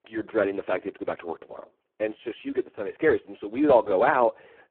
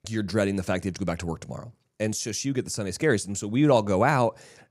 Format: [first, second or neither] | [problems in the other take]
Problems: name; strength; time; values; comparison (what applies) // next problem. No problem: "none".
second | phone-call audio; poor line; nothing above 4 kHz